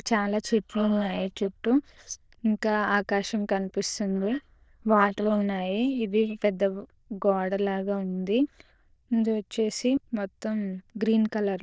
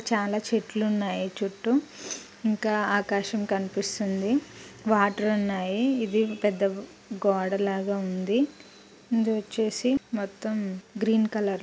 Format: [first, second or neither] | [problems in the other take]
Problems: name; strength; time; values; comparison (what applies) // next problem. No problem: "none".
second | noise reduction (neural diffusion model UNIVERSE++)